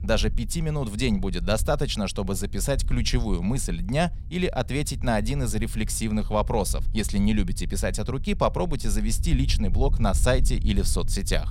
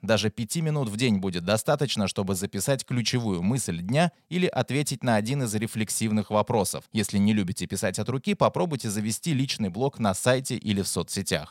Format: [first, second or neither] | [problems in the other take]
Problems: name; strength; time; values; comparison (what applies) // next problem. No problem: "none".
second | low rumble; faint; throughout; 20 dB below the speech